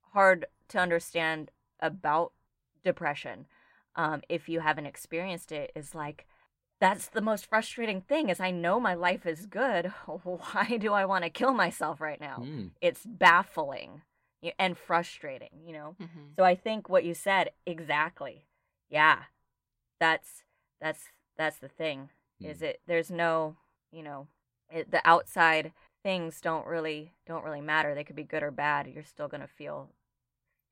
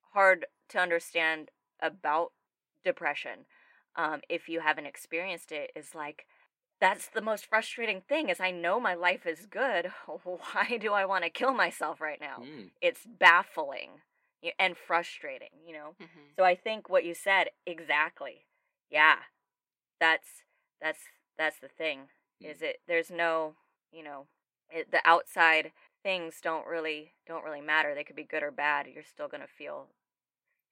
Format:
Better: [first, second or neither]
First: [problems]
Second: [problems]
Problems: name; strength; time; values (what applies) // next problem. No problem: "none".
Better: first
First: none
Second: thin; somewhat; fading below 350 Hz